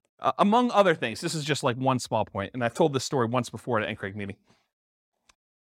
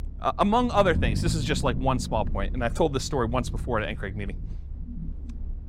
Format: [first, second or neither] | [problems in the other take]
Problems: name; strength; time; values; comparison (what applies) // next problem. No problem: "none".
first | low rumble; noticeable; throughout; 20 dB below the speech